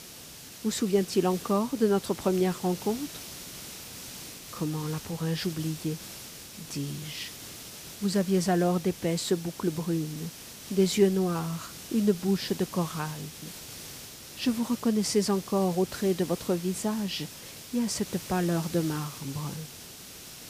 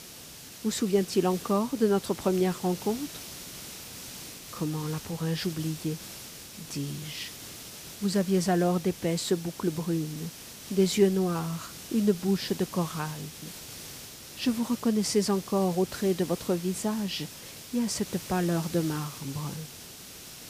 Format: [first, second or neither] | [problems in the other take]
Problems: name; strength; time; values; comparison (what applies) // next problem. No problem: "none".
neither | hiss; noticeable; throughout; 10 dB below the speech; the same in both